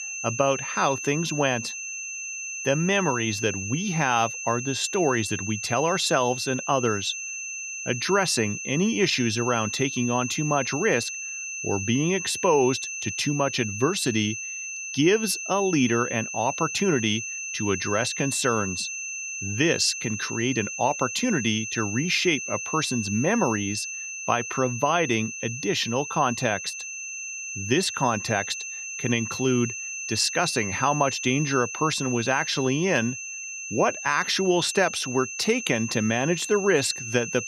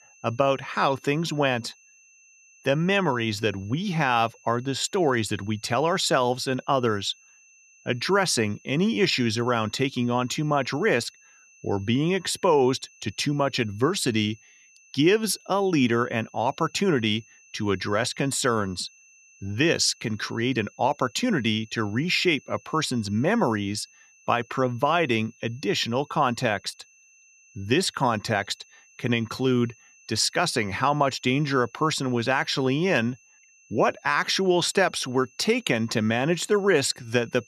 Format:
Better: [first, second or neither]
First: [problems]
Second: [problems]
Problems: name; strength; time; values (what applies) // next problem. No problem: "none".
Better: second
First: high-pitched whine; loud; throughout; 2.5 kHz, 6 dB below the speech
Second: high-pitched whine; faint; throughout; 2.5 kHz, 30 dB below the speech